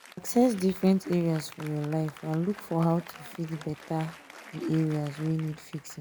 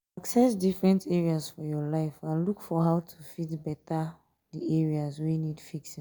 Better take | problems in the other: second | background sound (Applause); 19 dB below the speech

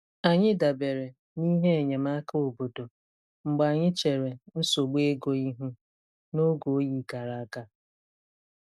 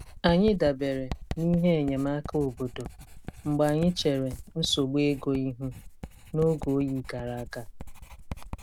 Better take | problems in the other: first | background sound (Writing); 13 dB below the speech

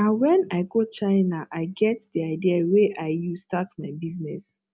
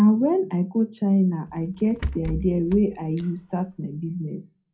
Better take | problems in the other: first | background sound (Rattle / Breathing); 12 dB below the speech // room echo; dies away in 0.2 s

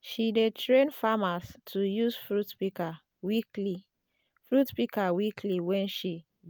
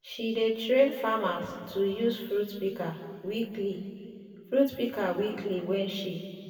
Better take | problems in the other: first | room echo; dies away in 2.2 s

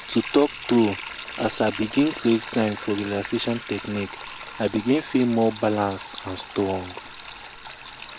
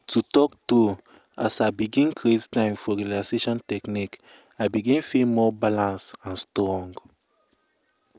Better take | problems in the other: second | background sound (Sink (filling or washing)); 13 dB below the speech

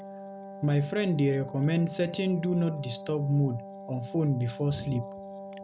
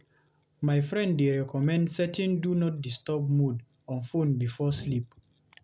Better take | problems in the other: second | background sound (Wind instrument, woodwind instrument); 13 dB below the speech

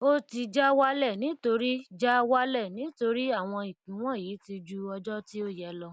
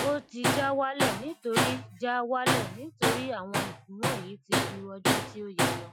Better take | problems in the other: first | noise reduction (classical method Wiener filter)

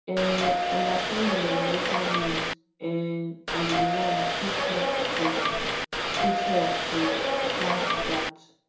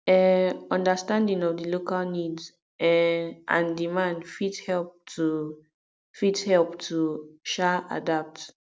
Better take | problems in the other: second | background sound (Subway, metro, underground / Doorbell); 5 dB above the speech // room echo; dies away in 0.6 s

